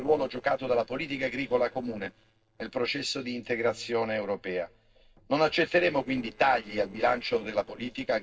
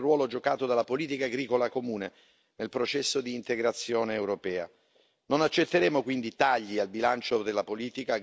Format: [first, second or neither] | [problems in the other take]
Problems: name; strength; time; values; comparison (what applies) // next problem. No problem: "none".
second | noise reduction (neural separator model SepFormer DNS4)